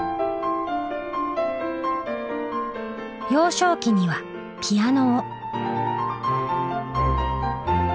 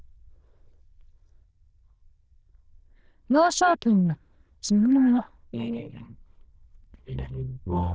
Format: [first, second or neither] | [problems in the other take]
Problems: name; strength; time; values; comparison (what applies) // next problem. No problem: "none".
first | noise reduction (neural diffusion model UNIVERSE++)